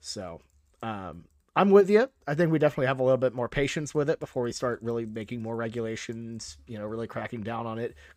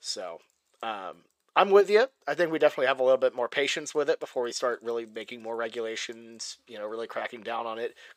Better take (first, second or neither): first